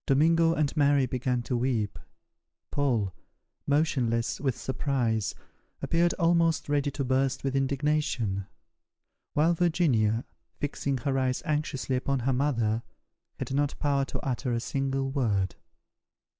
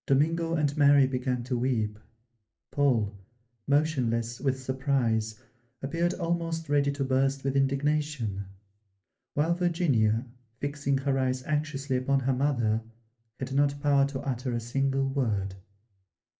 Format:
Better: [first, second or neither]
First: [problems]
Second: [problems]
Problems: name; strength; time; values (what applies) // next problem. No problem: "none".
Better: first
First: none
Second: room echo; dies away in 0.3 s